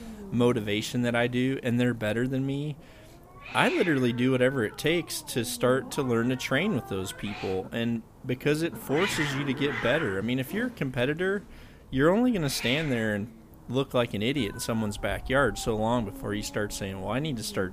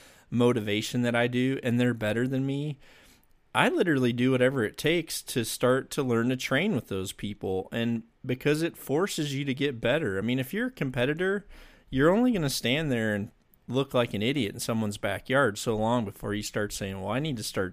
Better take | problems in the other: second | hiss; noticeable; throughout; 10 dB below the speech

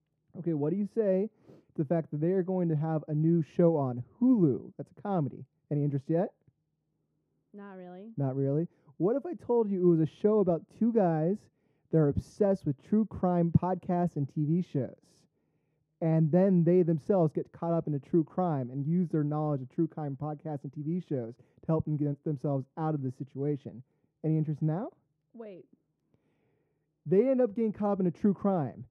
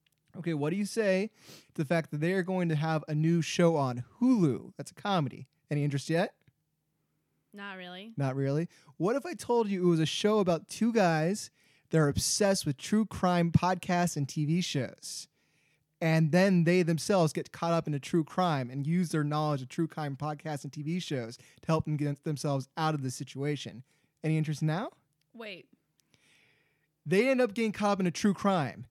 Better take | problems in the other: second | muffled; very; fading above 1.5 kHz

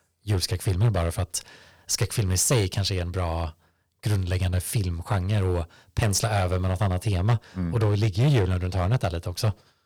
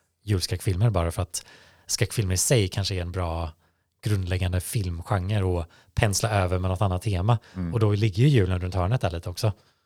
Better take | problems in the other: second | distortion; slight; 5% of the sound clipped

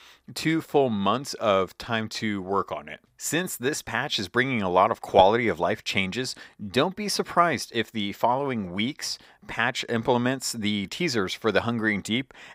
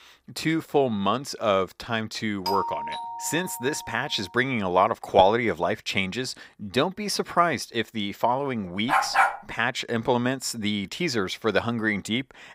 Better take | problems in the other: first | doorbell; noticeable; from 2.5 to 4 s; peak 3 dB below the speech // dog barking; loud; at 9 s; peak 5 dB above the speech

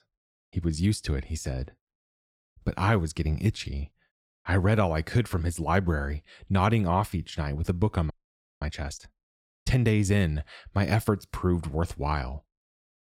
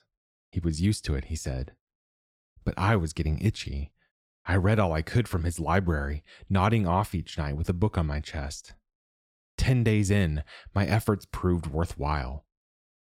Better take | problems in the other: second | audio freezing; at 8 s for 0.5 s

